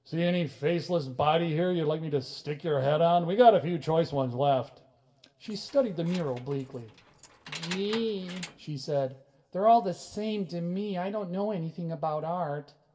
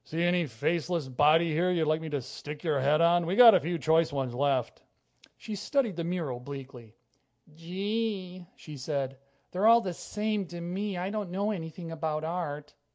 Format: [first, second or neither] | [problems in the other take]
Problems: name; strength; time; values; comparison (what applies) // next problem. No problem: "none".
second | background sound (Keys jangling); 17 dB below the speech // room echo; dies away in 0.7 s